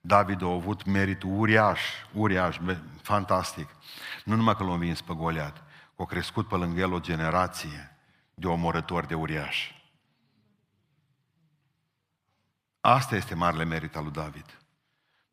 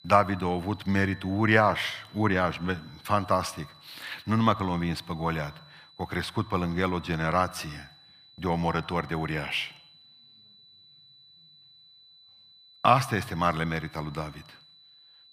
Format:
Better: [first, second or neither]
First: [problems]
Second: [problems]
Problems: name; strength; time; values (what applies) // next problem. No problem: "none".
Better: first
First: none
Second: high-pitched whine; faint; throughout; 4 kHz, 25 dB below the speech